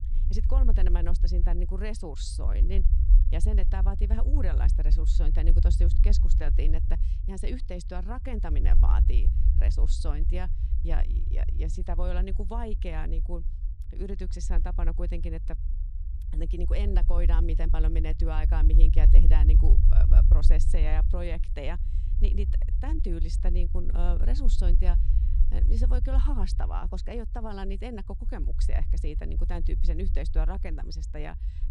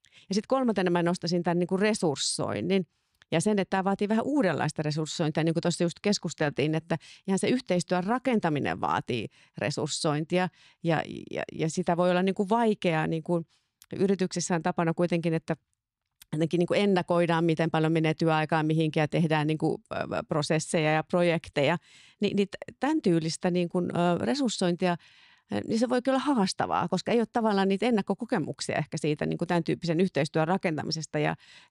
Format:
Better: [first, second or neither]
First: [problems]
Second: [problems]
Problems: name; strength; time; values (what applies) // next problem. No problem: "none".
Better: second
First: low rumble; loud; throughout; 7 dB below the speech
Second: none